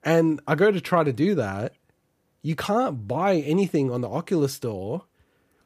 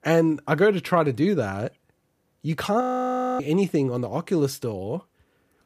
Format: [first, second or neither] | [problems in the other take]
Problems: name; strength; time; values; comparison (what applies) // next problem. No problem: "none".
first | audio freezing; at 3 s for 0.5 s